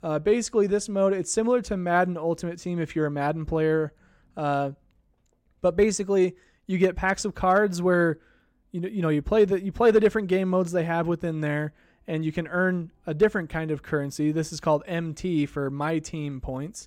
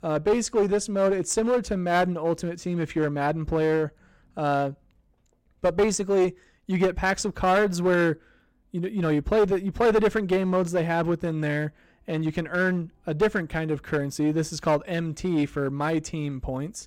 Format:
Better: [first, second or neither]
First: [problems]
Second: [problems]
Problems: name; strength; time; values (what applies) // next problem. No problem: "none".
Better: first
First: none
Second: distortion; slight; 8% of the sound clipped